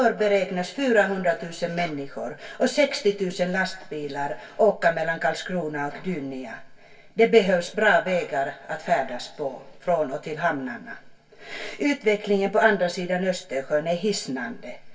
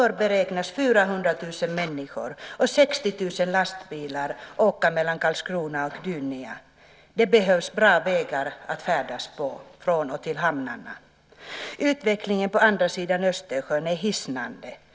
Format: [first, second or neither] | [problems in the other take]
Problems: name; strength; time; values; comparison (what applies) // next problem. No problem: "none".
second | room echo; dies away in 0.2 s